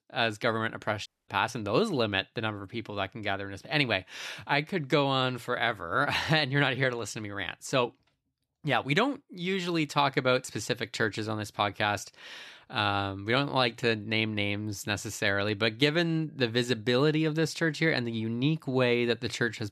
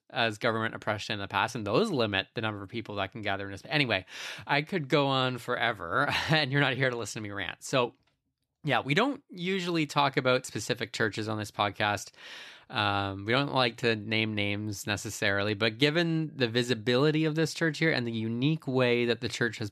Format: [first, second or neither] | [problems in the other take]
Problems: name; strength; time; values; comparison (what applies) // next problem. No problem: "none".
second | audio cutting out; at 1 s